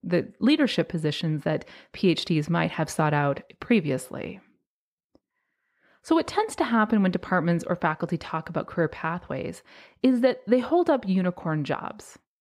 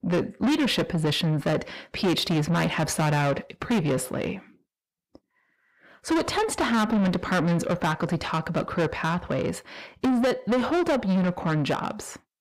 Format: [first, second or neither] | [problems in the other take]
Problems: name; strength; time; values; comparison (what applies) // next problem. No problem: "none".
first | distortion; heavy; 6 dB below the speech